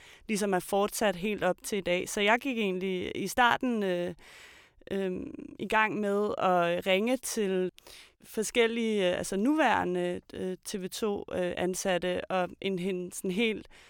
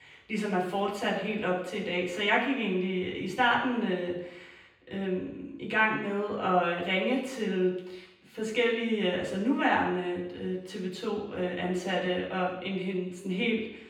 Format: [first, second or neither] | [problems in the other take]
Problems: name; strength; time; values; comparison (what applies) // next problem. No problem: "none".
first | room echo; noticeable; dies away in 0.9 s // off-mic speech; far